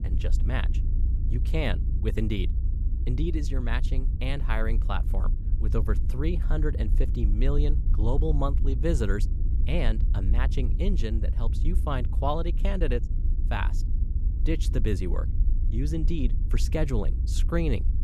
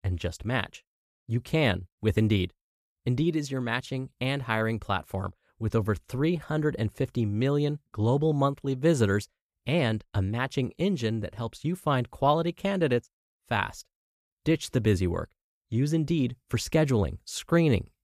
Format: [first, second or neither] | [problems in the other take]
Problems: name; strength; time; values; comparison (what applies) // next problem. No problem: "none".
second | low rumble; noticeable; throughout; 10 dB below the speech